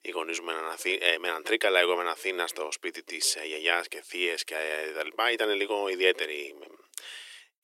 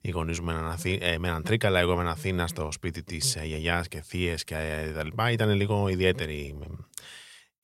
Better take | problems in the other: second | thin; very; fading below 300 Hz

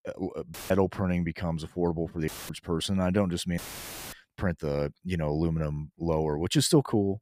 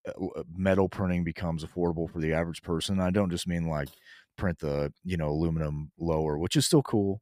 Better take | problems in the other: second | audio cutting out; filled with static; at 0.5 s, at 2.5 s and at 3.5 s for 0.5 s

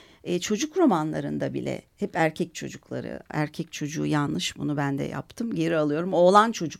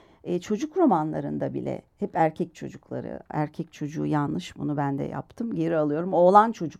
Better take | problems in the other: first | muffled; slightly; fading above 1.5 kHz

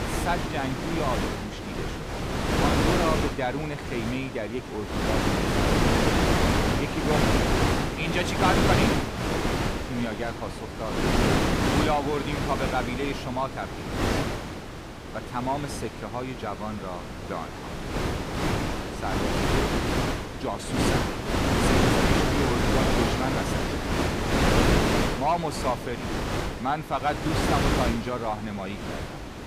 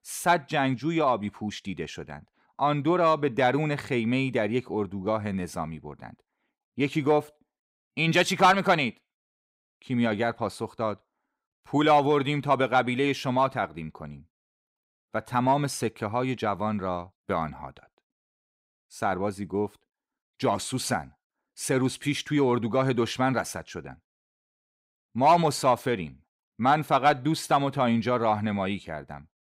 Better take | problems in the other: second | wind noise on the microphone; heavy; 3 dB above the speech

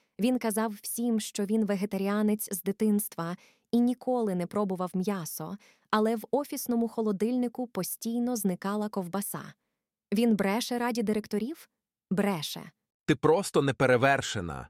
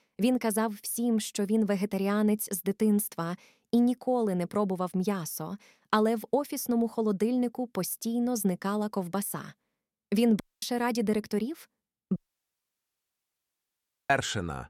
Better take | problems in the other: first | audio cutting out; at 10 s and at 12 s for 2 s

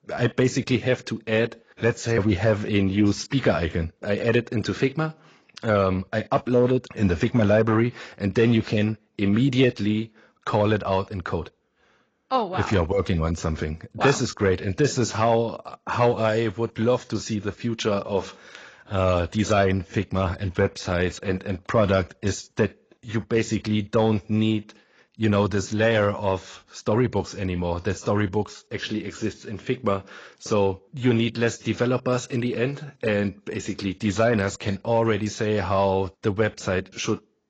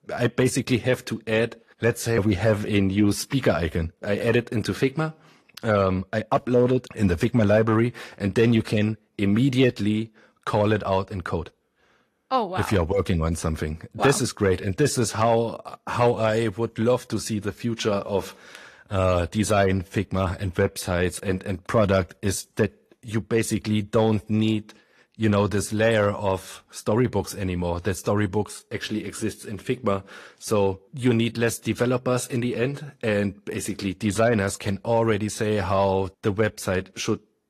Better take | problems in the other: second | garbled, watery; badly; nothing above 7.5 kHz; slightly in the second

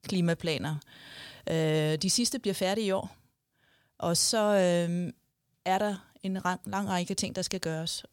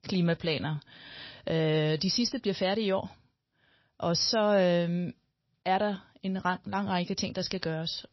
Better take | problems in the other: first | garbled, watery; slightly; nothing above 5.5 kHz

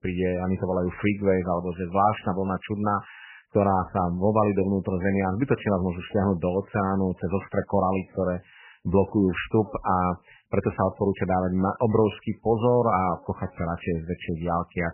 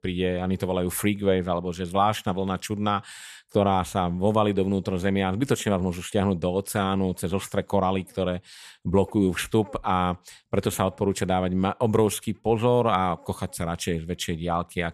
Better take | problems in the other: second | garbled, watery; badly; nothing above 3 kHz

